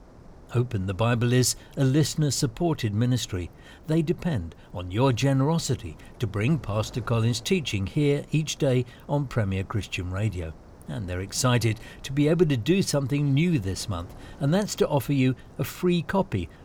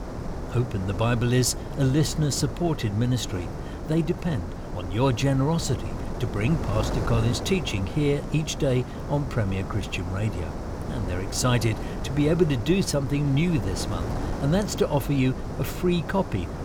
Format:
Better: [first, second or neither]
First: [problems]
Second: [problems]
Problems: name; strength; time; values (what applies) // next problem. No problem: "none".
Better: first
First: wind noise on the microphone; occasional gusts; 25 dB below the speech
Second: wind noise on the microphone; heavy; 8 dB below the speech